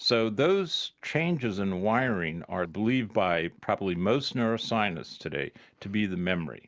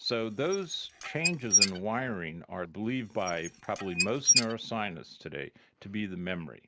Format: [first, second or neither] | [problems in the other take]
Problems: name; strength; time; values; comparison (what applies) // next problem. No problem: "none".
first | background sound (Squeak / Dishes, pots, and pans); 3 dB above the speech